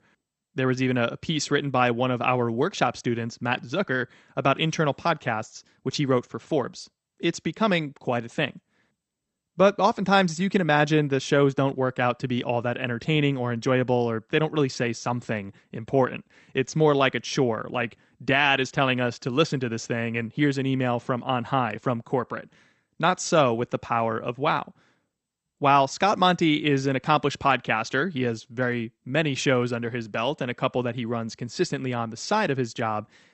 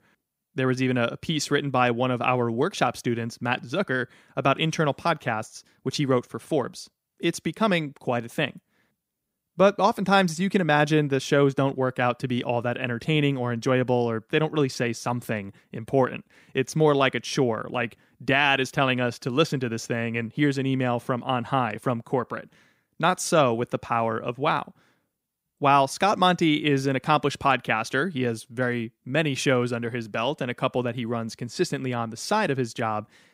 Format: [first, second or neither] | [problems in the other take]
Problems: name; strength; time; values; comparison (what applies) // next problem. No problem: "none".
second | garbled, watery; slightly; nothing above 8 kHz